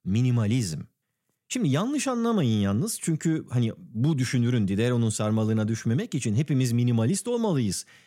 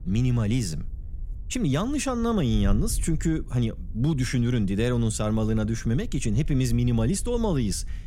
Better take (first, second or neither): first